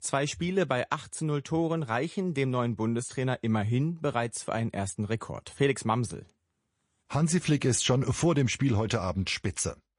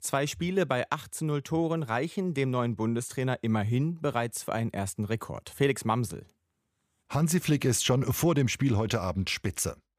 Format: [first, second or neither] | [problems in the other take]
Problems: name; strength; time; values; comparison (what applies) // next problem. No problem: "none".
second | garbled, watery; slightly; nothing above 10.5 kHz